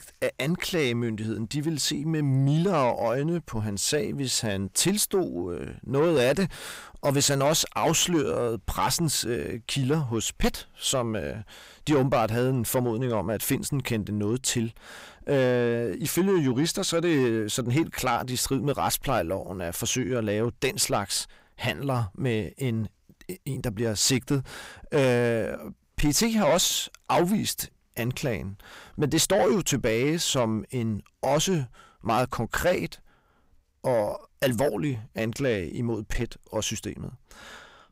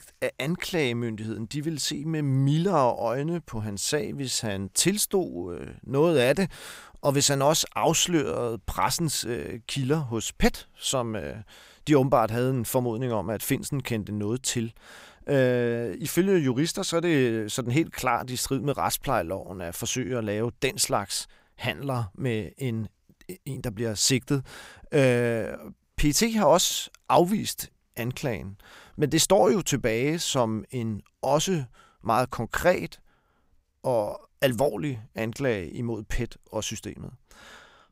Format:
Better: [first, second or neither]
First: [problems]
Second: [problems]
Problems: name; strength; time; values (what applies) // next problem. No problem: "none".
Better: second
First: distortion; slight; 10 dB below the speech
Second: none